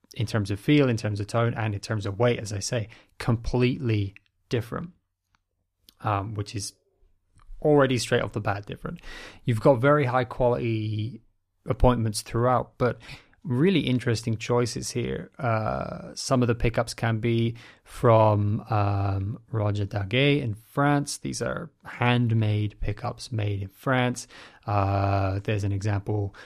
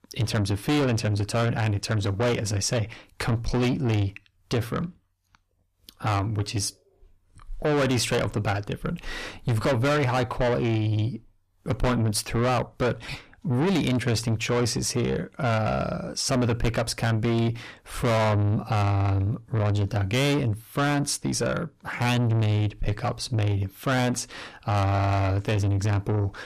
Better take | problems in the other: first | distortion; heavy; 6 dB below the speech

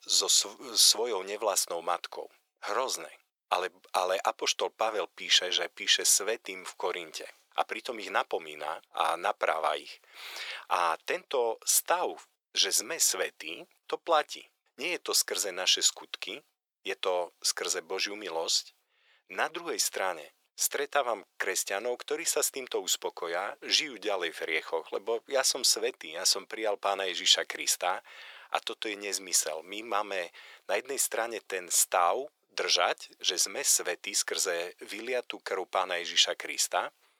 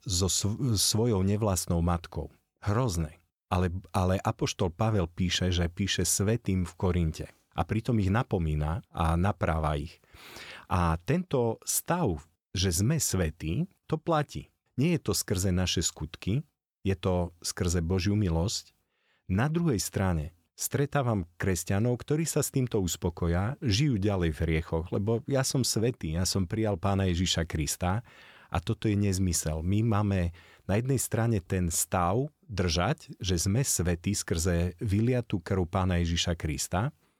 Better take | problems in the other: second | thin; very; fading below 500 Hz

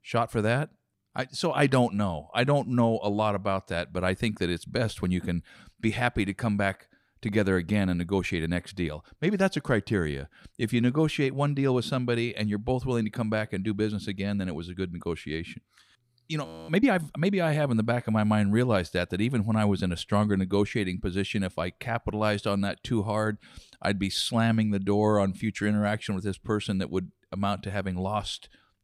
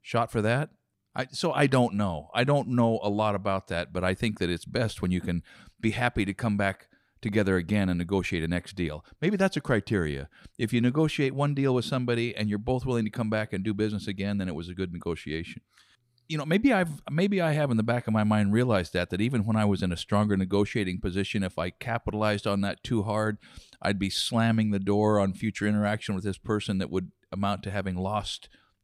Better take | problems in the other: second | audio freezing; at 16 s

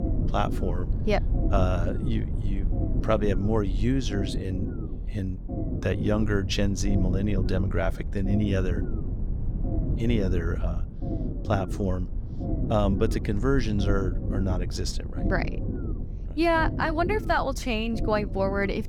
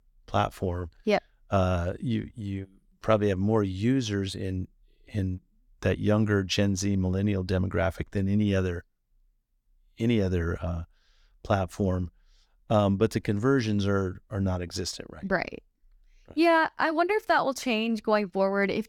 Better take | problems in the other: second | low rumble; noticeable; throughout; 10 dB below the speech

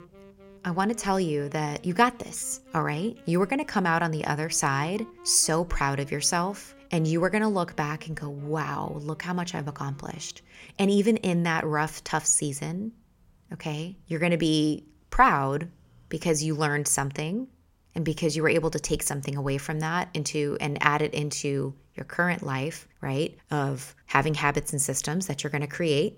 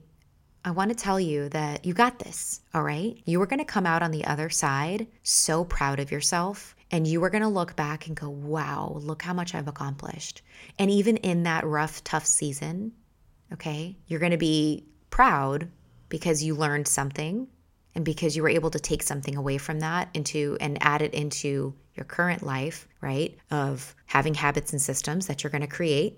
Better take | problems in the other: second | background music; faint; throughout; 25 dB below the speech

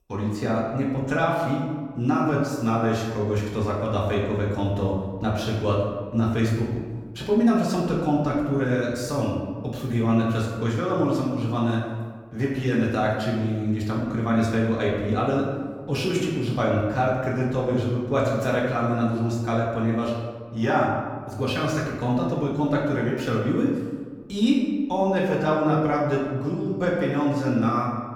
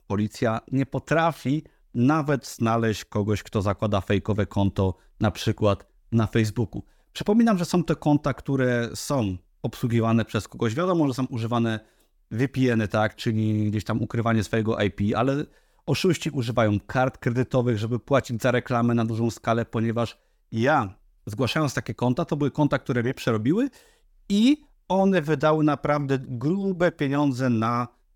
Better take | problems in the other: second | room echo; noticeable; dies away in 1.2 s // off-mic speech; far

